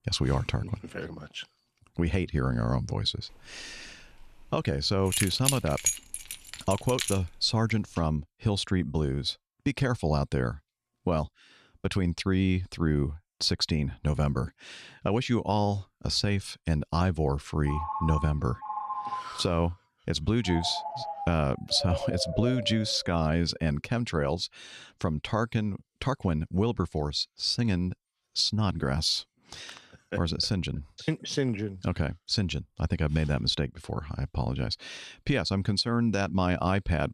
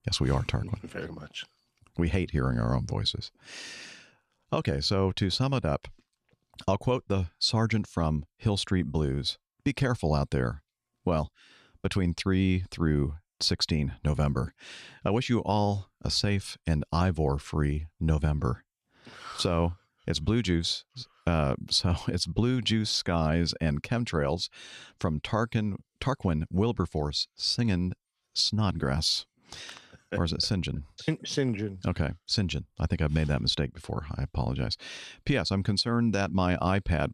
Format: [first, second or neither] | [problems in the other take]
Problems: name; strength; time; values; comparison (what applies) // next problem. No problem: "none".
second | jangling keys; loud; from 5 to 7 s; peak 2 dB above the speech // phone ringing; noticeable; from 18 to 23 s; peak 4 dB below the speech